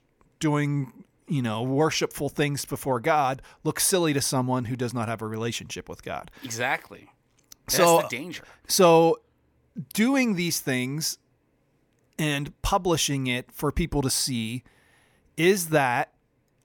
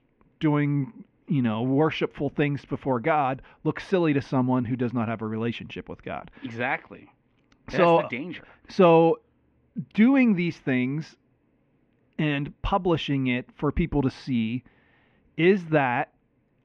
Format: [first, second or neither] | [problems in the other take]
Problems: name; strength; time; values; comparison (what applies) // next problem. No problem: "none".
first | muffled; very; fading above 3 kHz